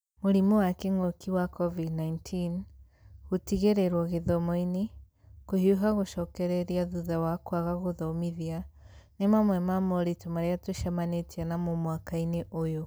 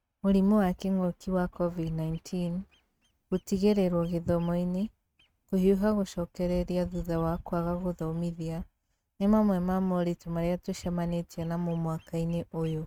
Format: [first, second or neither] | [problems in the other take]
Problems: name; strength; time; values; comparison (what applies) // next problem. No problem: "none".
first | noise reduction (neural mask model RNNoise)